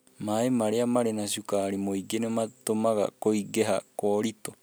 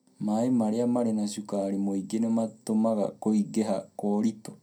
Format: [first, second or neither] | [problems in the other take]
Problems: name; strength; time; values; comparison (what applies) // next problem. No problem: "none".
first | room echo; dies away in 0.2 s